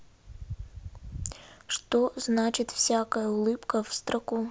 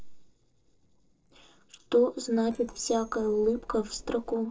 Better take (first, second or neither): first